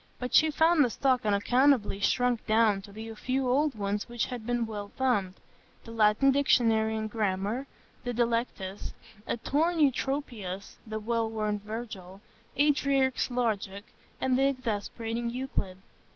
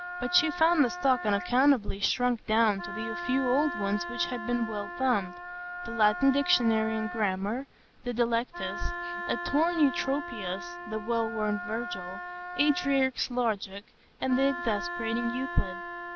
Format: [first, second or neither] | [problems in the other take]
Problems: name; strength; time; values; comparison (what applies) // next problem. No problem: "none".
first | background sound (Wind instrument, woodwind instrument); 9 dB below the speech